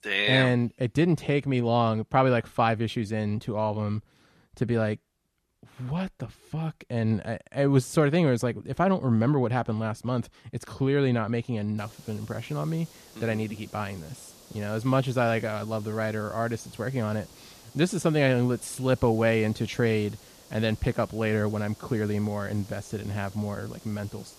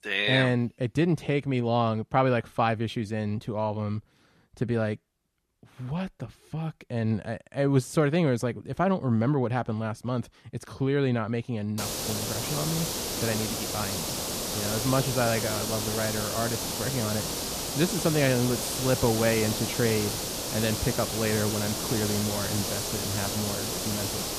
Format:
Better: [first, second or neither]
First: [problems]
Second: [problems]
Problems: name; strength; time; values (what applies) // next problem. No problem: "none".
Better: first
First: hiss; faint; from 12 s on; 25 dB below the speech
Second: hiss; loud; from 12 s on; 1 dB below the speech